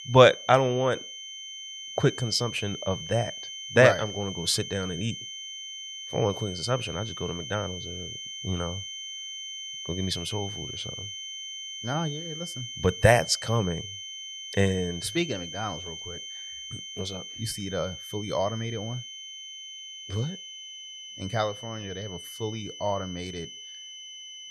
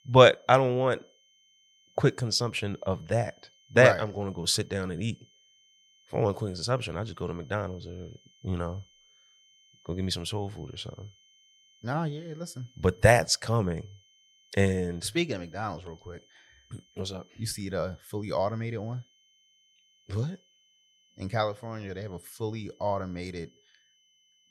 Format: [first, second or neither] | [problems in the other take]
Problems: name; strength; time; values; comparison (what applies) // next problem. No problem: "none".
second | high-pitched whine; loud; throughout; 3 kHz, 9 dB below the speech; faint in the second